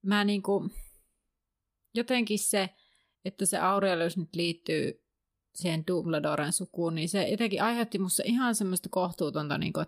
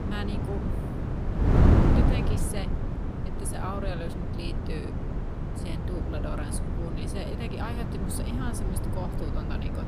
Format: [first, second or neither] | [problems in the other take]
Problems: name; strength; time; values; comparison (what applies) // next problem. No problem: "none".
first | wind noise on the microphone; heavy; 3 dB above the speech